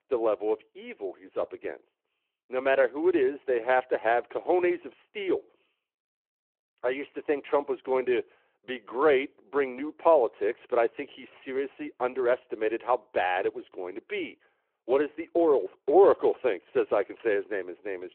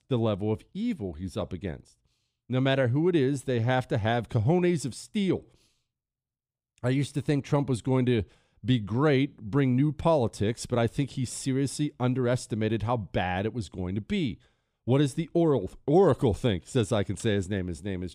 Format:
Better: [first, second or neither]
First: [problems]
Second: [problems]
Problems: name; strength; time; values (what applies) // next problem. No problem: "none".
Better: second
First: phone-call audio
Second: none